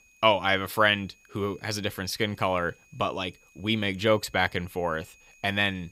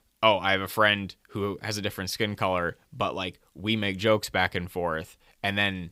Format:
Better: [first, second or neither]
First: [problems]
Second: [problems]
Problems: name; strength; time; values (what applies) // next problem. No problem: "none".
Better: second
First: high-pitched whine; faint; throughout; 2.5 kHz, 30 dB below the speech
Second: none